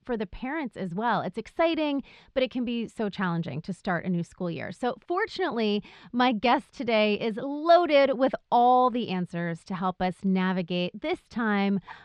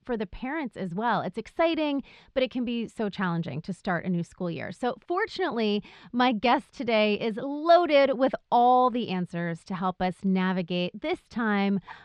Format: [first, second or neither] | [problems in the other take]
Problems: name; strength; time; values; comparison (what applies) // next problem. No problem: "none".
neither | muffled; very slightly; fading above 4 kHz; the same in both